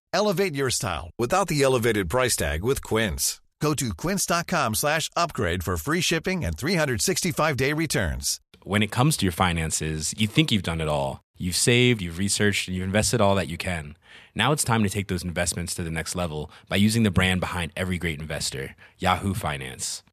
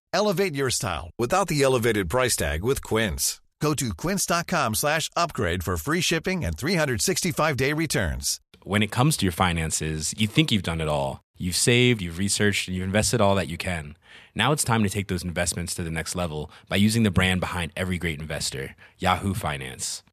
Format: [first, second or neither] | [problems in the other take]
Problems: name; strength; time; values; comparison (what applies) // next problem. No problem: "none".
neither | none